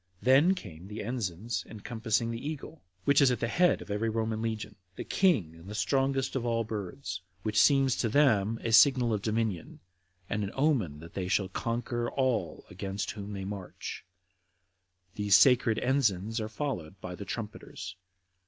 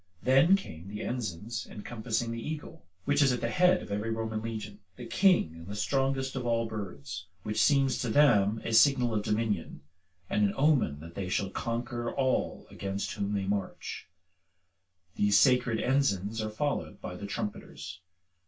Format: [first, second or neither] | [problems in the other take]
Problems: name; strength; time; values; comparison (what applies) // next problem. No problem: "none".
first | room echo; dies away in 0.2 s